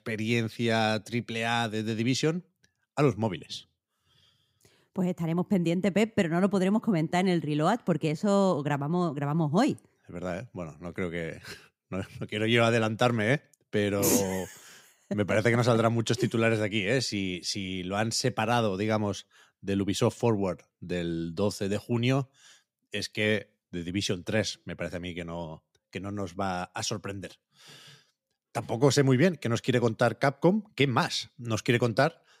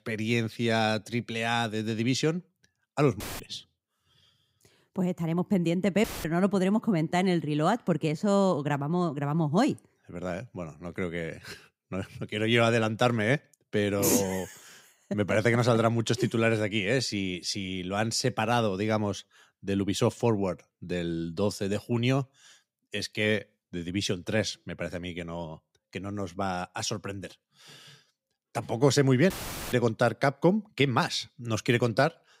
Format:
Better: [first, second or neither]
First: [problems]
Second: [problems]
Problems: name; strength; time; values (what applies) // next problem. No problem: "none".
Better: first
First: none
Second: audio cutting out; filled with static; at 3 s, at 6 s and at 29 s